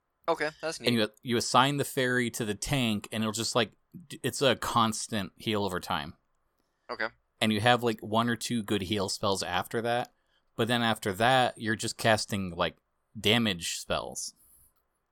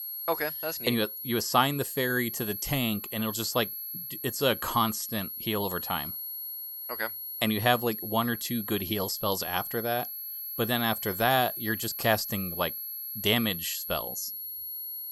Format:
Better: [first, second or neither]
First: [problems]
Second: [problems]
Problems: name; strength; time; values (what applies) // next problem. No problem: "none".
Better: first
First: none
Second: high-pitched whine; loud; throughout; 11.5 kHz, 5 dB below the speech